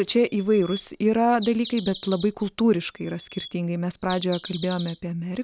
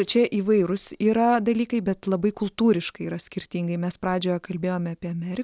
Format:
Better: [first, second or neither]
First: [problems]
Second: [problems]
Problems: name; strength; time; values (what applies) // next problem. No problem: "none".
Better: second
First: background sound (Bird vocalization, bird call, bird song); 18 dB below the speech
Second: none